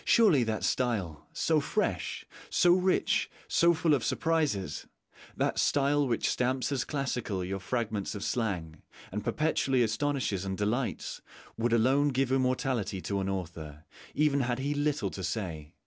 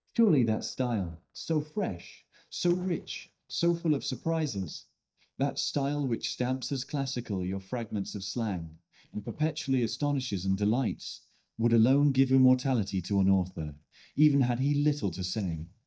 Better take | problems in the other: first | noise reduction (neural mask model DeepFilterNet 3)

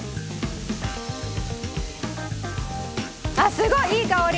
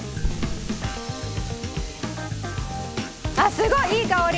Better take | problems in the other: first | background sound (Thump, thud); 11 dB below the speech

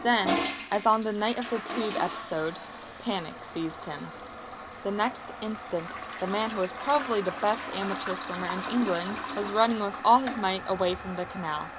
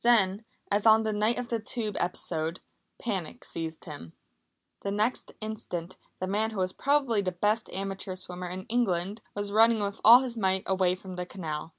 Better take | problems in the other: second | background sound (Toilet flush); 7 dB below the speech

